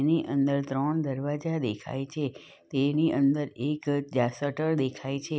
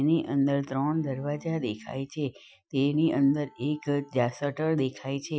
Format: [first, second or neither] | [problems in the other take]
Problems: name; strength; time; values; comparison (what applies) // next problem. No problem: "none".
first | noise reduction (classical method Wiener filter)